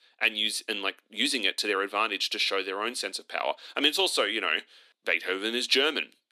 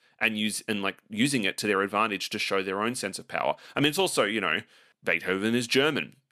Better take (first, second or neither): second